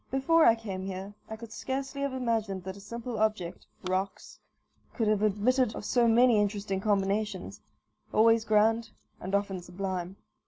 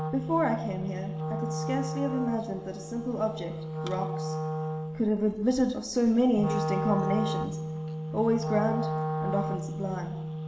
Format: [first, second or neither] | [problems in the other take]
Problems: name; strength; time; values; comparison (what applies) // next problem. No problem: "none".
first | background sound (Wind instrument, woodwind instrument); 3 dB below the speech // room echo; dies away in 1.7 s